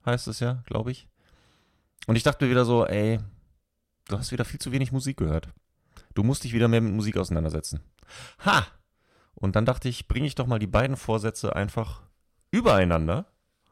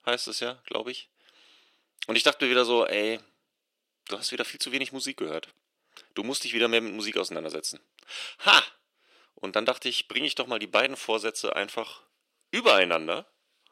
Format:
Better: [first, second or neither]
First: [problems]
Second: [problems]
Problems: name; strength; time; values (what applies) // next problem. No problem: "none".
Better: first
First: none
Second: thin; somewhat; fading below 350 Hz